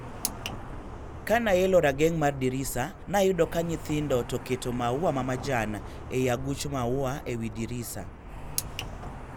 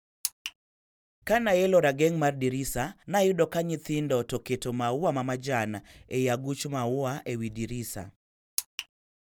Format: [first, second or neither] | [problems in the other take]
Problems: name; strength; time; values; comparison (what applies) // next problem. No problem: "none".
second | background sound (Traffic noise, roadway noise); 10 dB below the speech